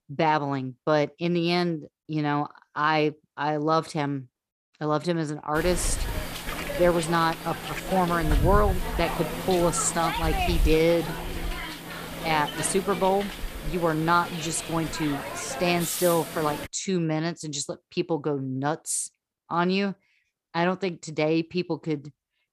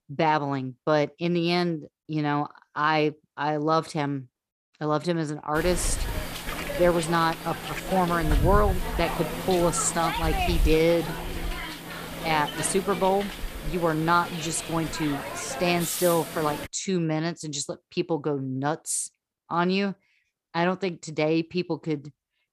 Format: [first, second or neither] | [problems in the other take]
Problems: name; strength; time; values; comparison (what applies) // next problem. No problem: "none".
neither | hiss; loud; from 5.5 to 17 s; 5 dB below the speech; the same in both